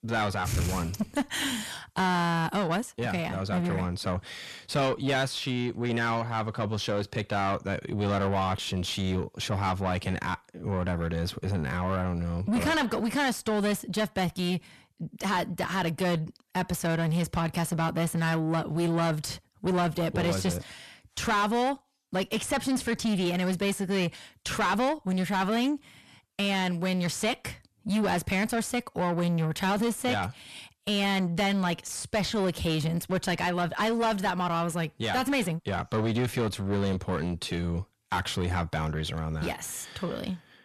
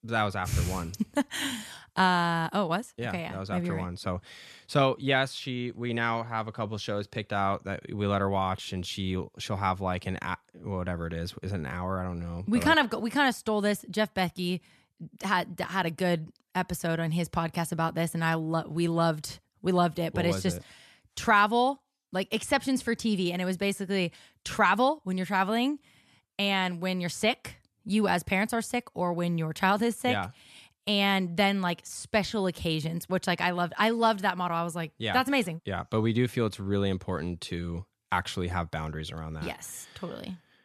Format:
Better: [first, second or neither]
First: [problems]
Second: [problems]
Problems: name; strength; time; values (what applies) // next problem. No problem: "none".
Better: second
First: distortion; heavy; 7 dB below the speech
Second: none